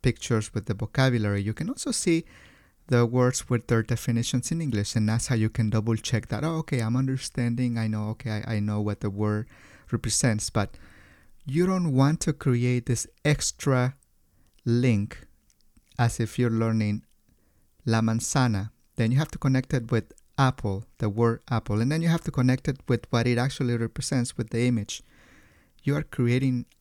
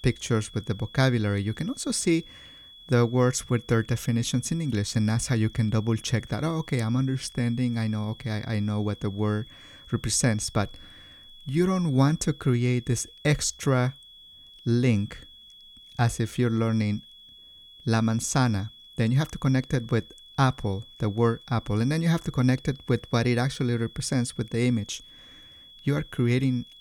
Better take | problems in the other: first | high-pitched whine; faint; throughout; 3.5 kHz, 20 dB below the speech

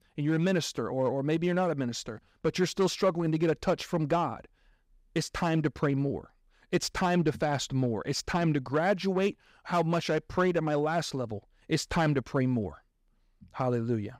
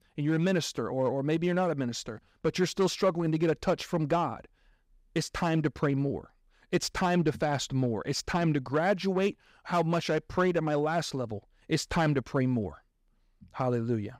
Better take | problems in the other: neither | none

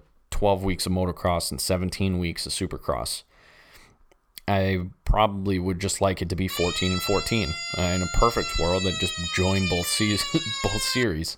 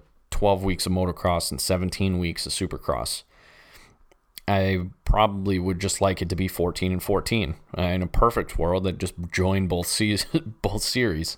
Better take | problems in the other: second | siren; noticeable; from 6.5 s on; peak 1 dB below the speech

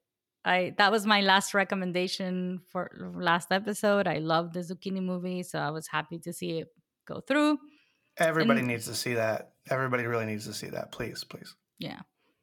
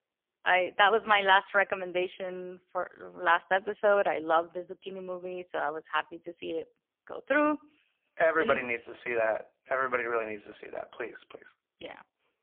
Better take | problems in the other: first | phone-call audio; poor line; nothing above 3.5 kHz

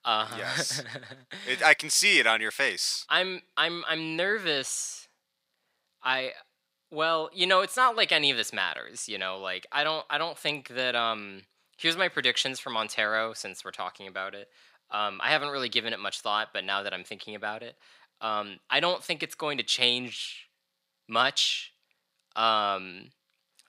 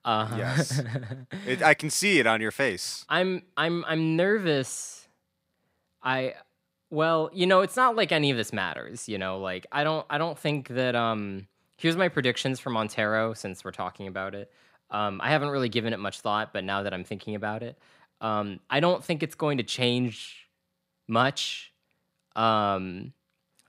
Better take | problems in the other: second | thin; somewhat; fading below 900 Hz

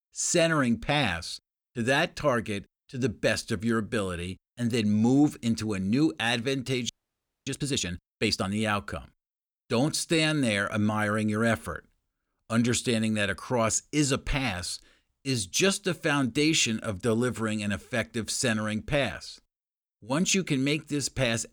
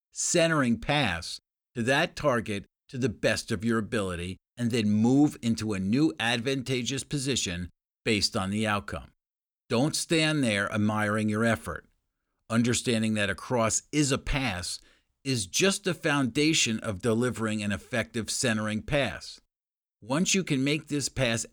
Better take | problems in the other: second | audio freezing; at 7 s for 0.5 s

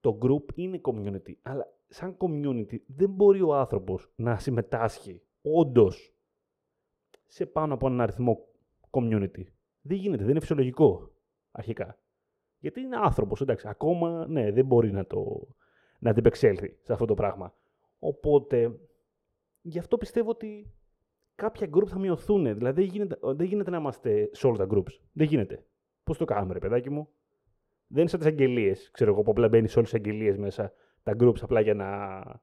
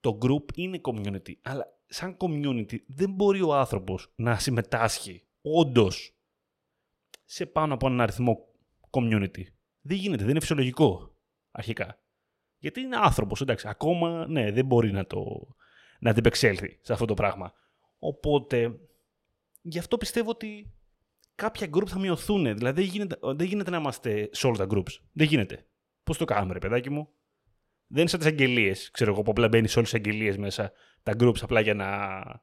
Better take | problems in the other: second | muffled; slightly; fading above 1.5 kHz

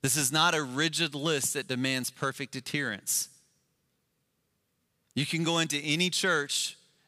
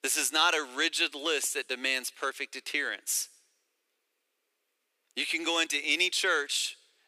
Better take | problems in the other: first | thin; somewhat; fading below 300 Hz

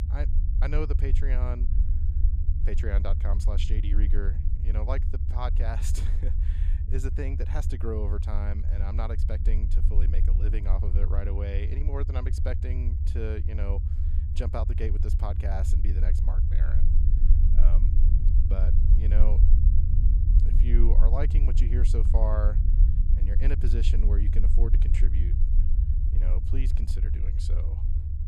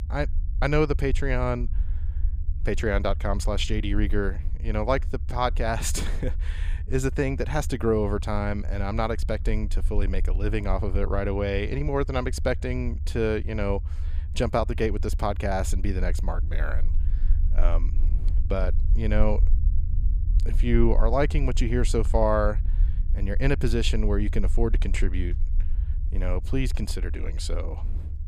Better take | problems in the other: second | low rumble; loud; throughout; 6 dB below the speech; faint in the second

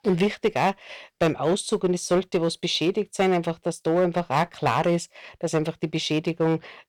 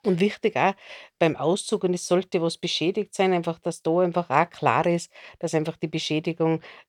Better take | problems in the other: second | distortion; slight; 4% of the sound clipped

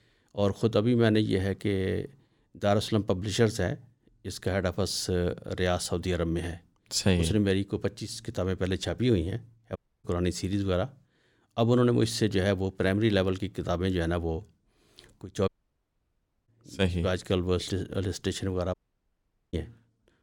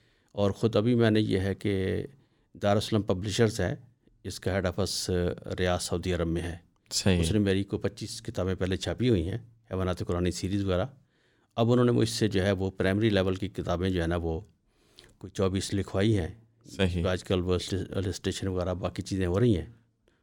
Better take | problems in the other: second | audio cutting out; at 10 s, at 15 s for 1 s and at 19 s for 1 s

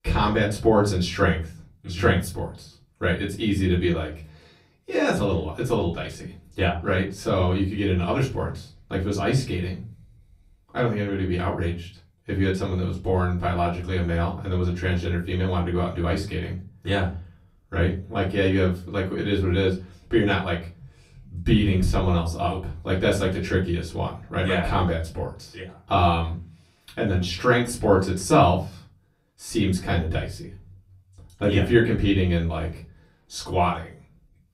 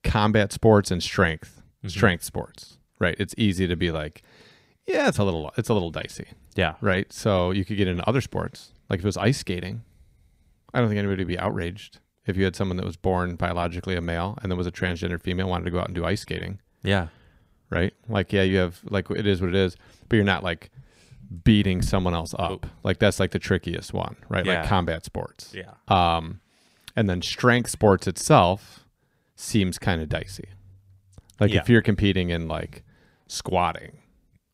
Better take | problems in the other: second | off-mic speech; far // room echo; very slight; dies away in 0.3 s

